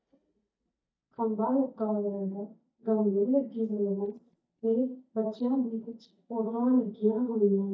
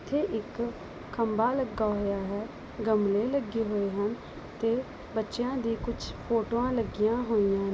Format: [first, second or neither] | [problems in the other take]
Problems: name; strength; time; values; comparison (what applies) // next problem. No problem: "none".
second | noise reduction (neural mask model DeepFilterNet 3)